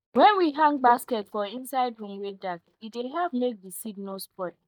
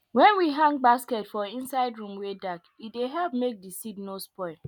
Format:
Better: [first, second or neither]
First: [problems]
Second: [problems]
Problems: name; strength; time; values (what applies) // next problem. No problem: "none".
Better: second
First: noise reduction (neural mask model DeepFilterNet 3)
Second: none